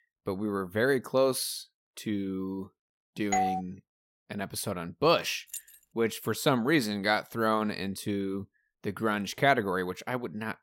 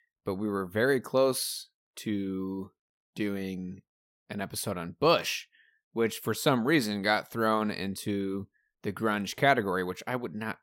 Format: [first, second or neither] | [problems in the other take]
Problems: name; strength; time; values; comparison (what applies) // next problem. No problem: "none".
second | doorbell; loud; at 3.5 s; peak 1 dB above the speech // jangling keys; faint; at 5.5 s; peak 10 dB below the speech